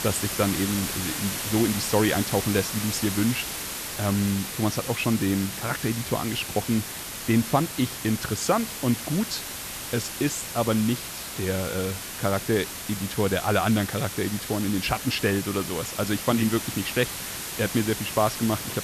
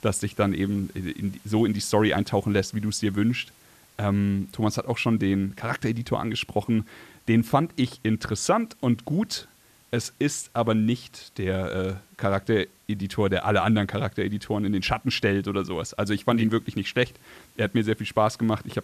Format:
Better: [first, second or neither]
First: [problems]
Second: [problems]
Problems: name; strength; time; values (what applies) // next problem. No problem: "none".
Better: second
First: hiss; loud; throughout; 5 dB below the speech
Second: hiss; faint; throughout; 30 dB below the speech